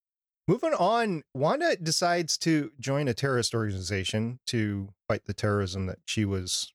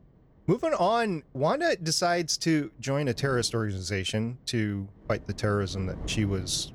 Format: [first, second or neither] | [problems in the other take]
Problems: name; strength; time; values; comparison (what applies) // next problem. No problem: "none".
first | wind noise on the microphone; occasional gusts; 20 dB below the speech